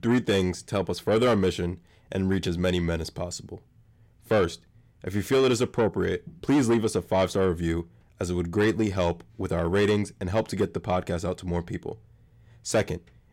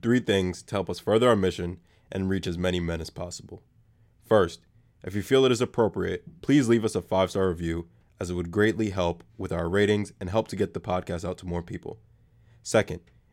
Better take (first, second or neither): second